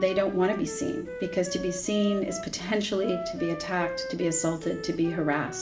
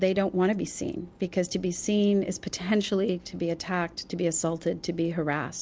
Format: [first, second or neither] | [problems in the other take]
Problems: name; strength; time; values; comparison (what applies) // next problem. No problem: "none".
second | background sound (Wind instrument, woodwind instrument); 10 dB below the speech // room echo; dies away in 0.5 s